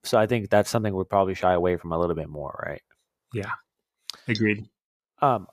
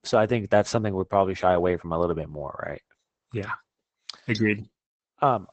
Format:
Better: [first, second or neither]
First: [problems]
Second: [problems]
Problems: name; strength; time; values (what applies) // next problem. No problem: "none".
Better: first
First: none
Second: garbled, watery; badly; nothing above 8 kHz